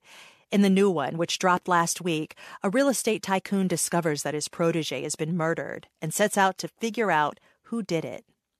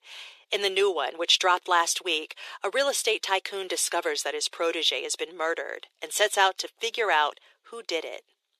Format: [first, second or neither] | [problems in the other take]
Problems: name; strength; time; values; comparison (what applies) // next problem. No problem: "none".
first | thin; very; fading below 400 Hz